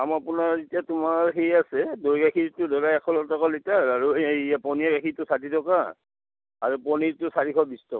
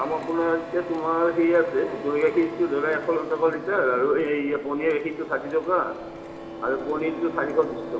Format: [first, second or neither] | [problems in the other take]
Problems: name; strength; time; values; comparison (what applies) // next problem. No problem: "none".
first | background sound (Printer); 13 dB below the speech // room echo; dies away in 0.8 s